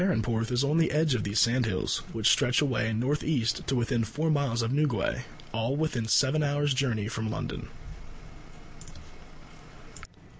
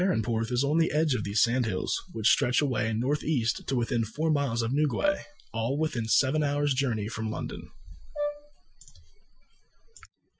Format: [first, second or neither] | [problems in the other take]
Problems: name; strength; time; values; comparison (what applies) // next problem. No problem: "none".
first | noise reduction (classical method Wiener filter)